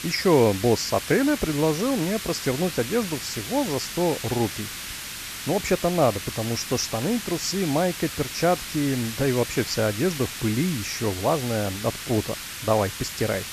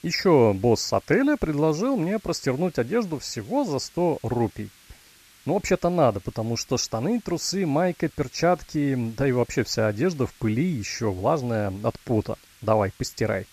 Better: second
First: hiss; loud; throughout; 7 dB below the speech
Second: hiss; faint; throughout; 25 dB below the speech

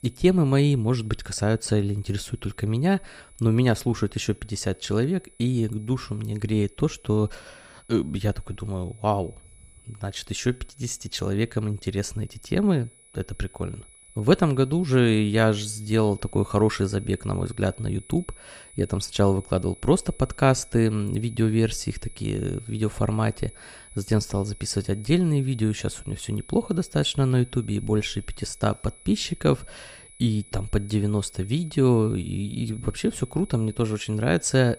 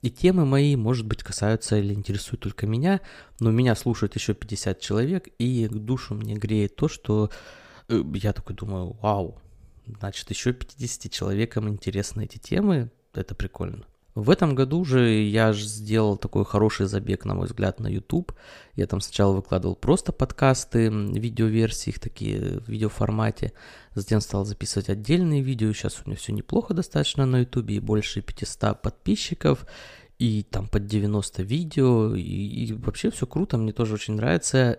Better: second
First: high-pitched whine; faint; throughout; 10 kHz, 25 dB below the speech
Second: none

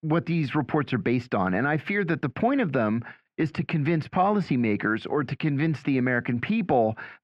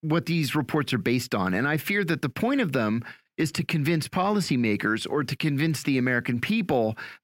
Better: second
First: muffled; very; fading above 2 kHz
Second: none

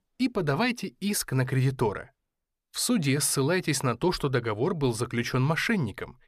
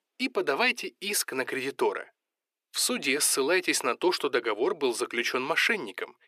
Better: first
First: none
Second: thin; somewhat; fading below 350 Hz

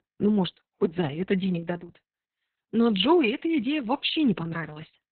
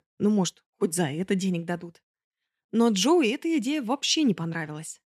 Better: second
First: garbled, watery; badly; nothing above 4 kHz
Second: none

